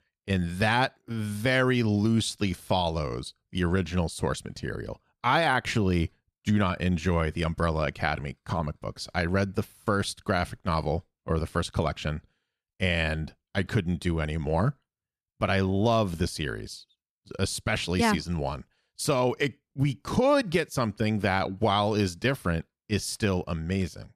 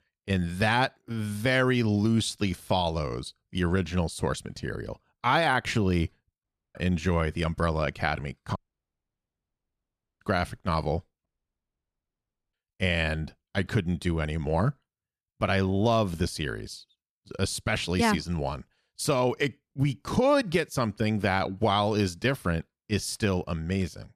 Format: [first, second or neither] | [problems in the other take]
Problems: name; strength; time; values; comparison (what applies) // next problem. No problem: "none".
first | audio cutting out; at 6.5 s, at 8.5 s for 1.5 s and at 11 s for 1.5 s